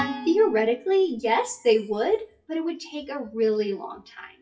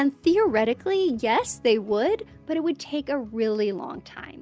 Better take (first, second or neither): second